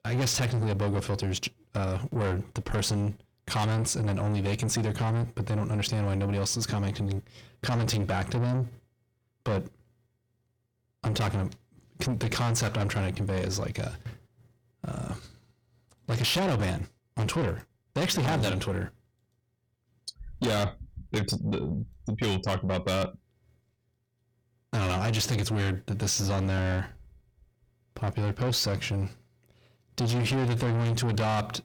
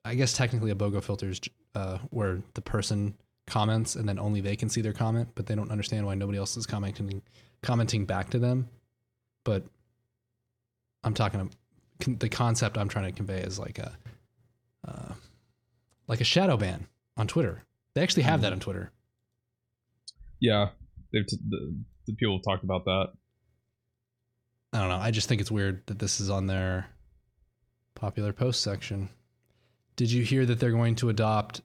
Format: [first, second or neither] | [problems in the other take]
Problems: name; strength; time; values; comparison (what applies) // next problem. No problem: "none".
second | distortion; heavy; 7 dB below the speech